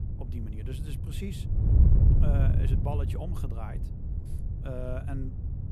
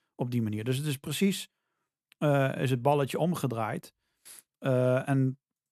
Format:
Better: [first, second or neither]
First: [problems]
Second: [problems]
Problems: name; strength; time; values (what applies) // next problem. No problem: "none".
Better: second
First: wind noise on the microphone; heavy; 1 dB below the speech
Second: none